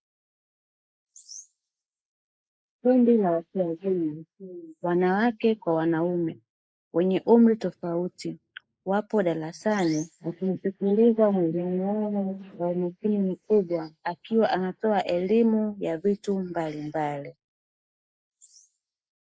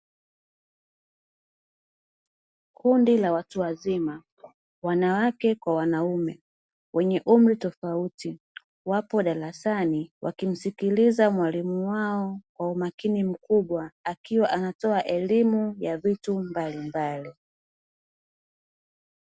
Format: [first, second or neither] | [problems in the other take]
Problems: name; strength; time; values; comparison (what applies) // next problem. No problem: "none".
second | noise reduction (neural mask model Resemble Enhance denoiser)